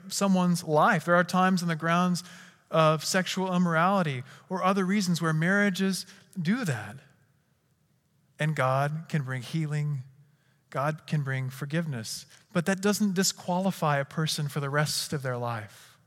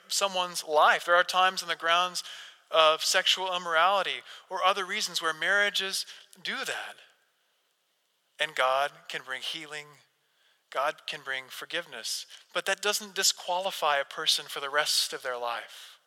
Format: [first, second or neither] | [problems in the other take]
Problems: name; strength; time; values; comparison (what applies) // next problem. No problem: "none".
first | thin; very; fading below 500 Hz